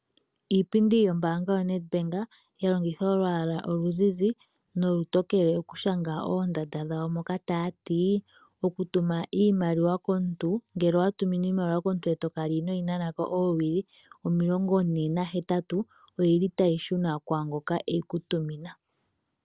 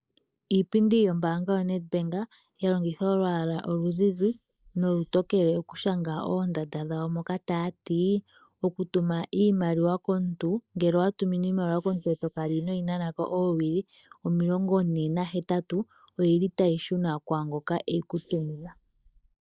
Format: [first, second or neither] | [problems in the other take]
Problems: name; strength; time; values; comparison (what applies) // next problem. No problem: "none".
first | noise reduction (neural mask model Resemble Enhance denoiser)